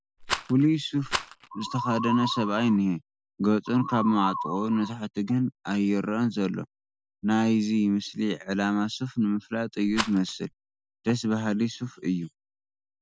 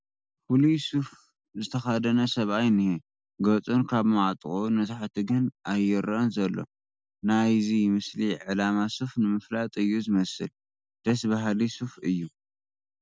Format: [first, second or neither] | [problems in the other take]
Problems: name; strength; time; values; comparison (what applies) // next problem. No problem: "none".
second | background sound (Musical instrument + Rattle); 7 dB below the speech